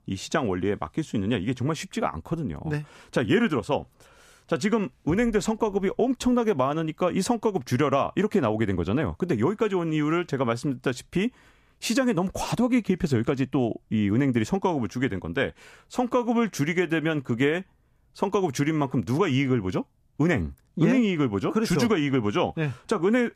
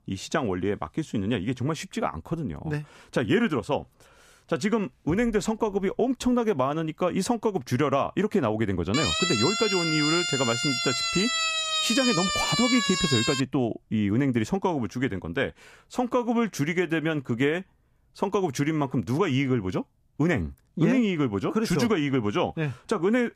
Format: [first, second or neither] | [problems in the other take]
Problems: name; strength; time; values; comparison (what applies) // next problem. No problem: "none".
first | siren; loud; from 9 to 13 s; peak 3 dB above the speech